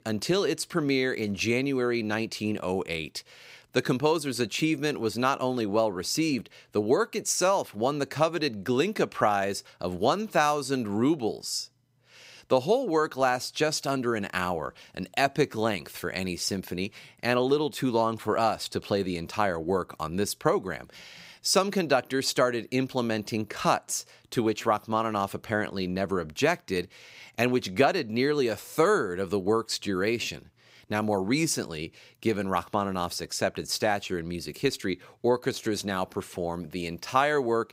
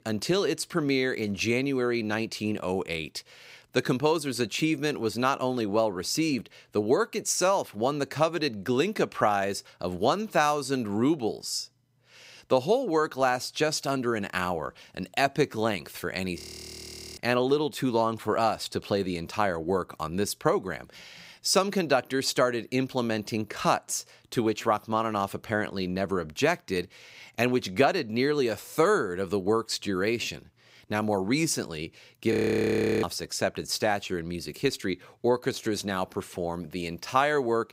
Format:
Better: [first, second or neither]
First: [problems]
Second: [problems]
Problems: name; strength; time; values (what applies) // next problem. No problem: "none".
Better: first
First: none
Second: audio freezing; at 16 s for 1 s and at 32 s for 0.5 s